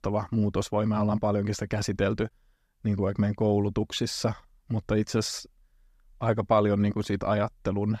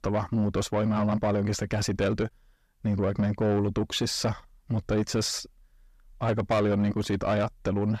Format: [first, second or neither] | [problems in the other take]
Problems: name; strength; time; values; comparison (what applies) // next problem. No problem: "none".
first | distortion; slight; 10 dB below the speech